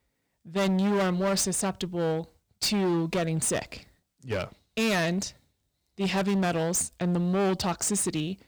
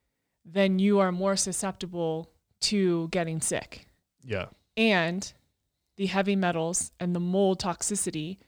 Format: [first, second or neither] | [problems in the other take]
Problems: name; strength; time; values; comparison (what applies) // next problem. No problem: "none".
second | distortion; heavy; 18% of the sound clipped